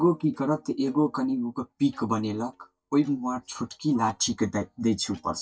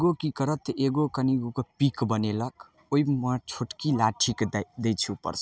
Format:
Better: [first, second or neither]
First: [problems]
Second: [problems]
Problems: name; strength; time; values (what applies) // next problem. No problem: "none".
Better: second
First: noise reduction (neural mask model DeepFilterNet 3)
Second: none